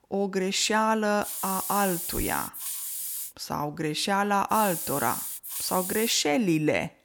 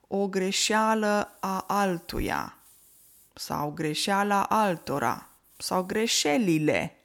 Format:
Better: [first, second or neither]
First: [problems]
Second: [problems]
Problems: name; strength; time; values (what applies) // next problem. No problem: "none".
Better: second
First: hiss; loud; from 1.5 to 3.5 s and from 4.5 to 6 s; 5 dB below the speech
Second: hiss; faint; from 1.5 to 3.5 s and from 4.5 to 6 s; 30 dB below the speech